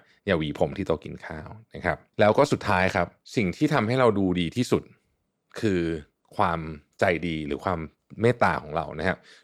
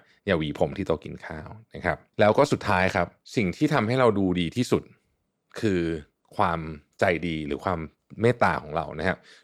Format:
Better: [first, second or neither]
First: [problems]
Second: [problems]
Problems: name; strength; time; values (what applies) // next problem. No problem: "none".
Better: neither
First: none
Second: none